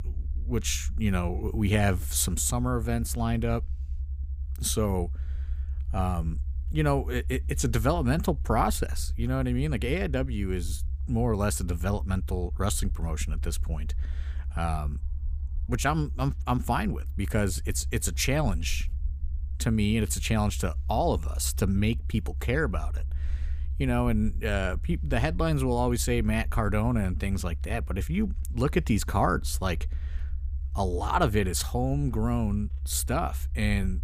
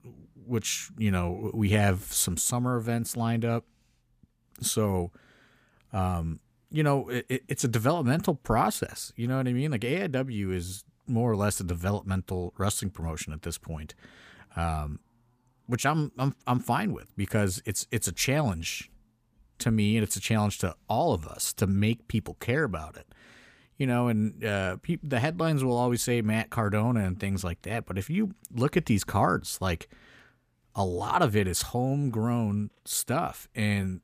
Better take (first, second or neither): second